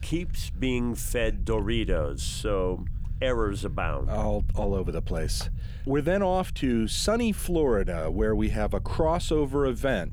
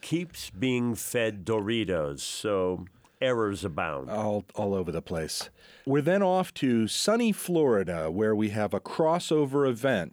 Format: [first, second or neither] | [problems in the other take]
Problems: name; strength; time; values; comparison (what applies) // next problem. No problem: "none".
second | low rumble; faint; throughout; 25 dB below the speech